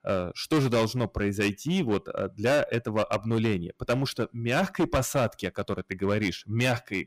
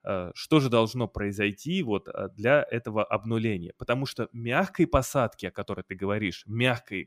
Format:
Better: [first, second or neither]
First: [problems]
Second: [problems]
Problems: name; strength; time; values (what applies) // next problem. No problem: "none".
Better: second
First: distortion; heavy; 11% of the sound clipped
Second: none